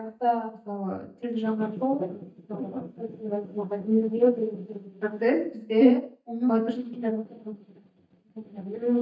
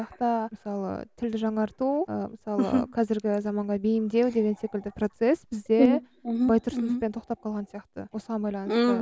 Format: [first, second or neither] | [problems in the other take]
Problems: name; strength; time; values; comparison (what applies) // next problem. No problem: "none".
second | noise reduction (neural mask model DeepFilterNet 3)